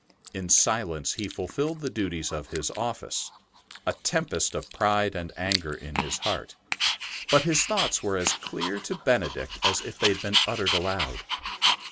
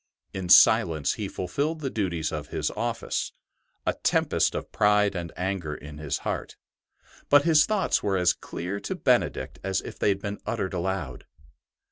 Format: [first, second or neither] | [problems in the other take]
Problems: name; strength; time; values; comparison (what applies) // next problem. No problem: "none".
second | background sound (Dog); 3 dB below the speech